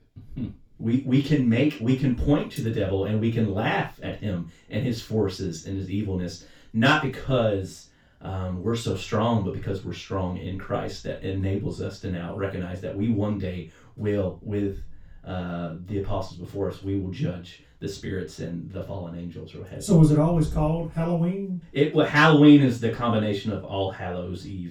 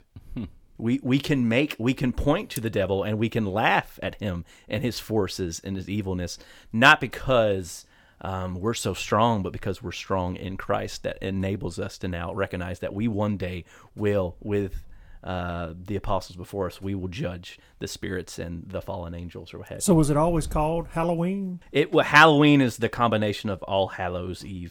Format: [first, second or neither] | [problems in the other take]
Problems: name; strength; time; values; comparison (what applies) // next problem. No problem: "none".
second | room echo; slight; dies away in 0.2 s // off-mic speech; far